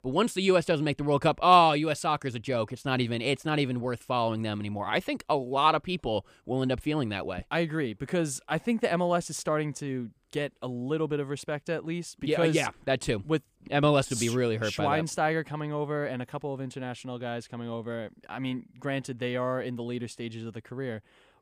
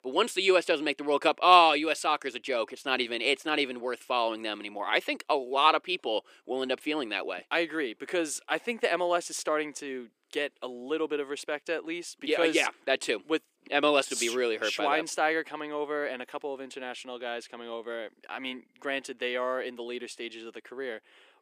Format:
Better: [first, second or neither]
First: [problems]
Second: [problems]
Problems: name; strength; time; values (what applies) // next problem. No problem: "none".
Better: first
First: none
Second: thin; somewhat; fading below 350 Hz